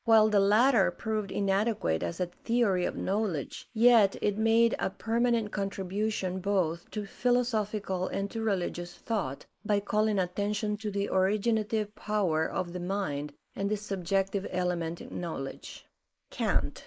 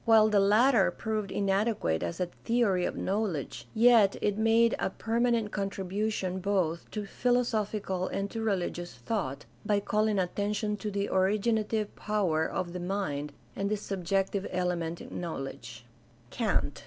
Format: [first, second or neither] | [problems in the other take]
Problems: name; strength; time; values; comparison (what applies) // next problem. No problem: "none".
second | noise reduction (neural mask model Resemble Enhance denoiser)